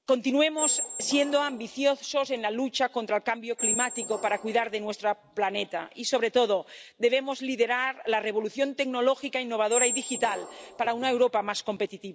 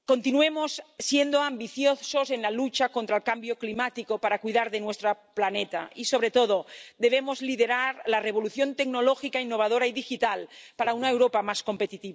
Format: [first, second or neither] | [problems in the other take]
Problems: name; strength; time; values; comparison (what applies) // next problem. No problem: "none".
second | background sound (Squeak); 5 dB below the speech